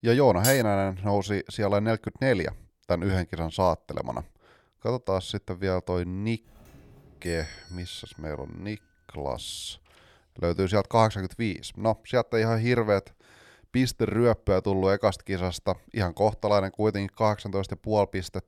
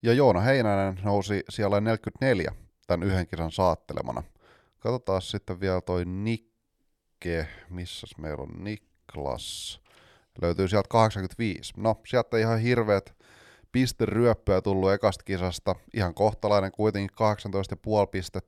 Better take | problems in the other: second | clattering dishes; noticeable; at 0.5 s; peak 2 dB below the speech // doorbell; faint; from 6.5 to 9 s; peak 15 dB below the speech

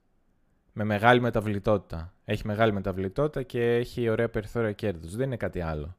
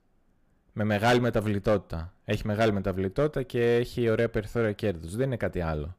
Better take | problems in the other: first | distortion; slight; 3% of the sound clipped

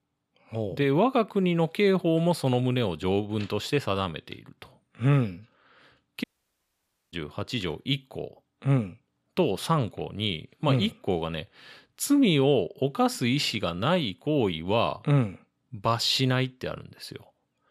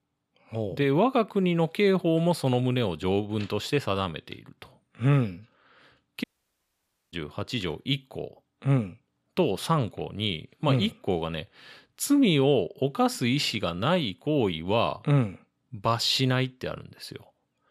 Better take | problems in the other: neither | audio cutting out; at 6 s for 1 s; the same in both

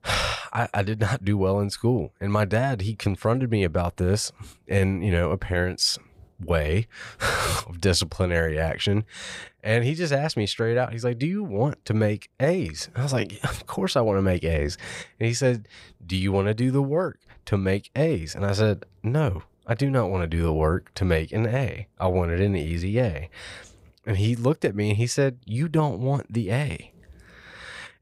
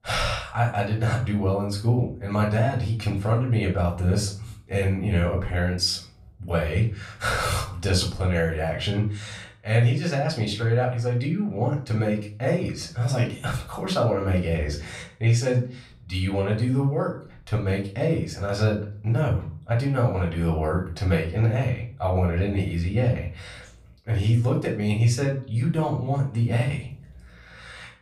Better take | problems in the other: first | off-mic speech; far // room echo; slight; dies away in 0.4 s

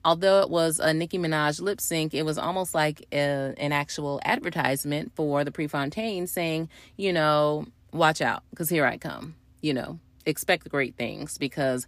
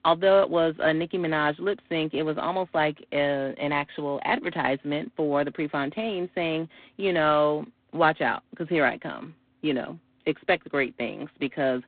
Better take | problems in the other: first | phone-call audio; poor line; nothing above 3.5 kHz

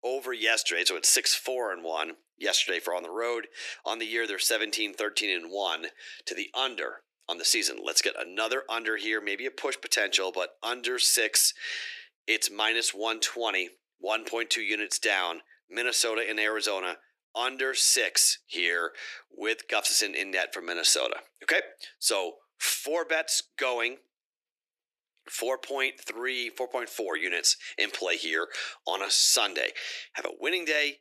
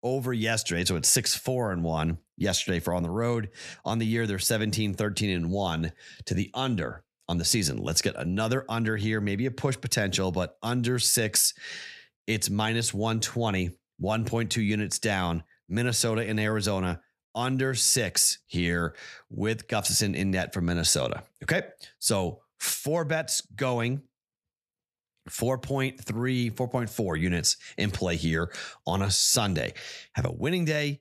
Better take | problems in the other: second | thin; very; fading below 300 Hz

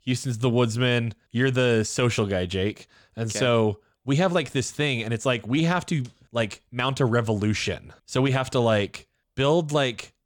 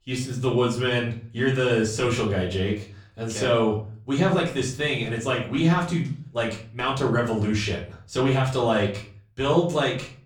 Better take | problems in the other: first | room echo; slight; dies away in 0.4 s // off-mic speech; far

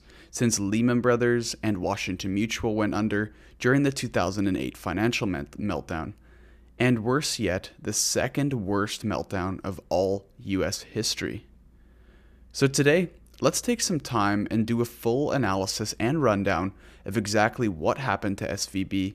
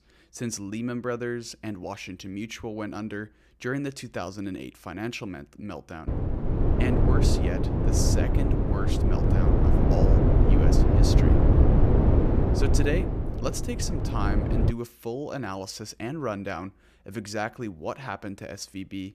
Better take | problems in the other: first | wind noise on the microphone; heavy; from 6 to 15 s; 3 dB above the speech

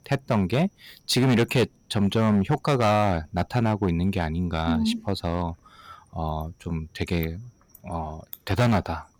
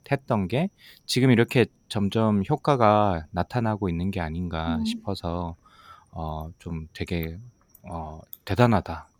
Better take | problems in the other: second | distortion; heavy; 6% of the sound clipped

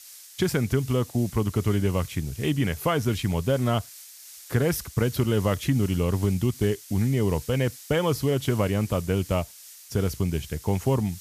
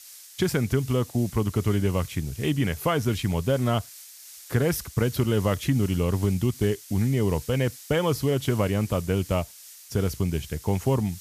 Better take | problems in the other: neither | hiss; noticeable; throughout; 15 dB below the speech; the same in both

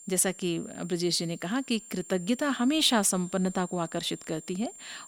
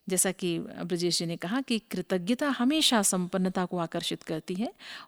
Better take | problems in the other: second | high-pitched whine; noticeable; throughout; 7.5 kHz, 15 dB below the speech

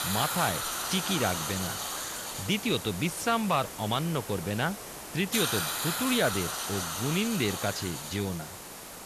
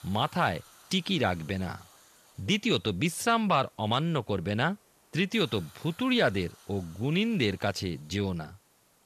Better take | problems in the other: second | hiss; loud; throughout; 3 dB below the speech; faint in the second

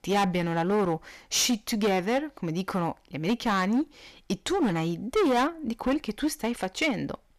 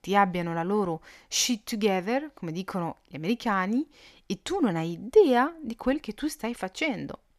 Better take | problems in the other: second | distortion; heavy; 11% of the sound clipped

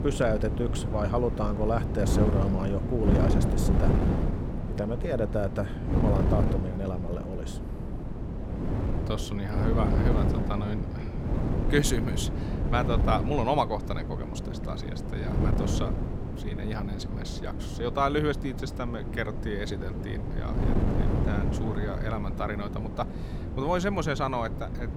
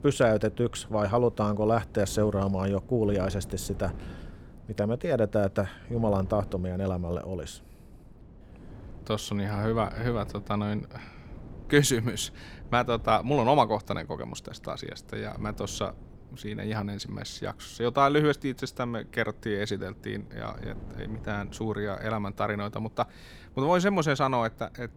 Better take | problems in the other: second | wind noise on the microphone; heavy; 5 dB below the speech; occasional gusts in the second

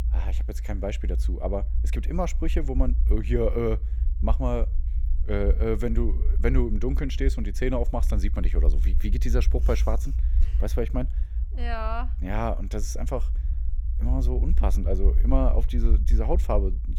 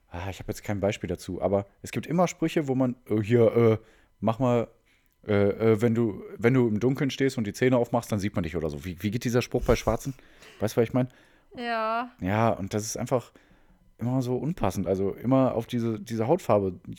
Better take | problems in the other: second | low rumble; noticeable; throughout; 15 dB below the speech

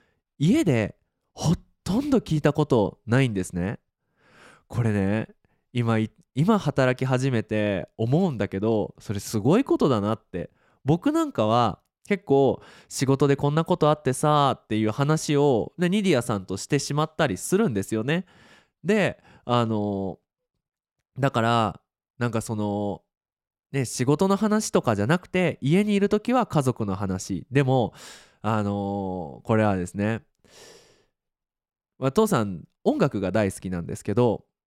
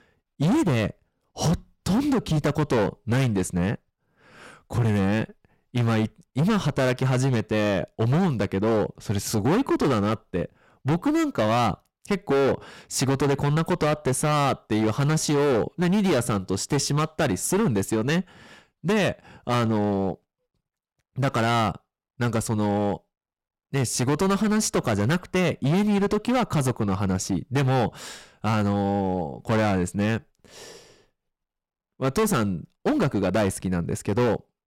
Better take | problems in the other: first | distortion; heavy; 16% of the sound clipped

